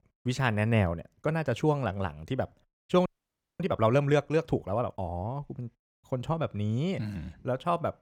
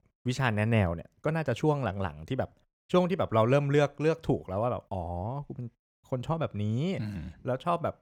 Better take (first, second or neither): second